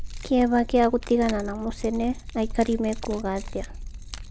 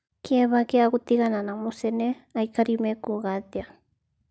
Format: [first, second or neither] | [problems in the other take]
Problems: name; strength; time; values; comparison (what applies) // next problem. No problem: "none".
second | background sound (Keys jangling); 10 dB below the speech